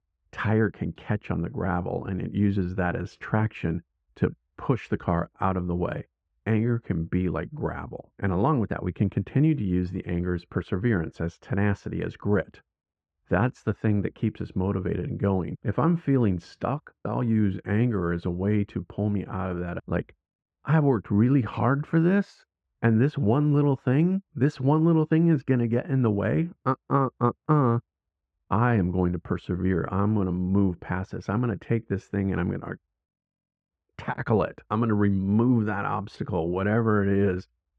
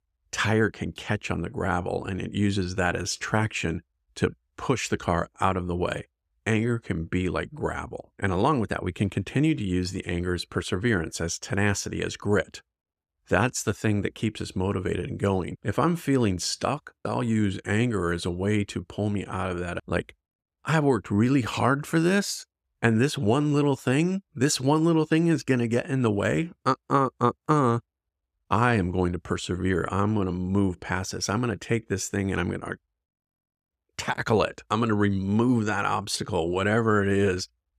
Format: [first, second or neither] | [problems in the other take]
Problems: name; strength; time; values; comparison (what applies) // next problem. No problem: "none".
second | muffled; very; fading above 1.5 kHz